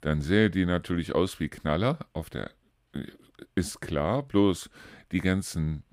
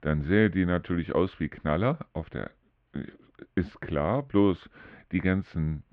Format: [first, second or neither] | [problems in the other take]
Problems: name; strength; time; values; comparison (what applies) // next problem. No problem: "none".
first | muffled; very; fading above 3 kHz